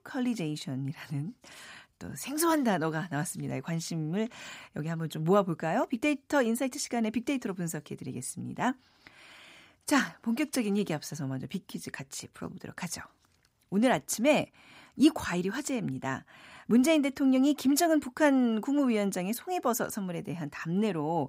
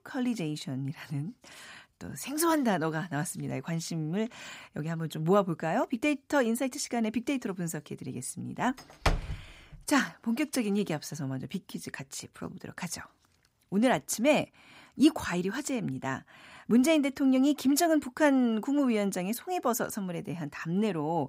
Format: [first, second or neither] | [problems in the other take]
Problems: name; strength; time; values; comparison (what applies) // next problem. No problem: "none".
first | door banging; noticeable; at 9 s; peak 1 dB below the speech